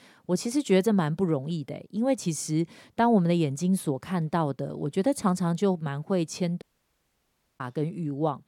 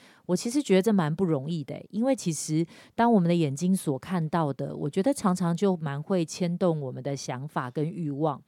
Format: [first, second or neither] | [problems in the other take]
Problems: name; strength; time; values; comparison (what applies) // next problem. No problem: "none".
second | audio cutting out; at 6.5 s for 1 s